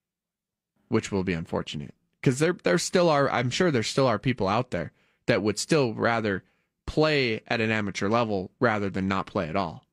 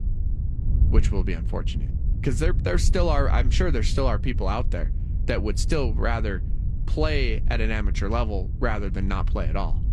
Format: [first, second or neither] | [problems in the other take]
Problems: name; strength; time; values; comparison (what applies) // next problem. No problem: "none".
first | wind noise on the microphone; occasional gusts; 15 dB below the speech